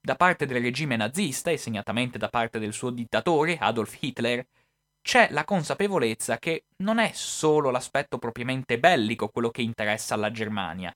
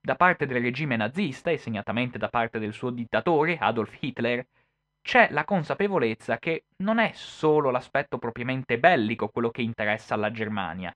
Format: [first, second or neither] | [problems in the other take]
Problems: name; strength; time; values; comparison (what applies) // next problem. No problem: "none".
first | muffled; slightly; fading above 2.5 kHz